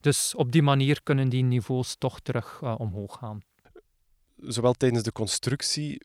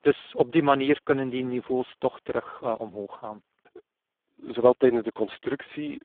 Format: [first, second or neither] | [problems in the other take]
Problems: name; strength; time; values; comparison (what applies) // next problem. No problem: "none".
first | phone-call audio; poor line